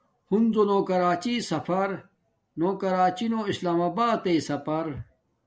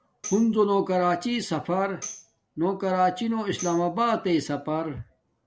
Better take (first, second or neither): first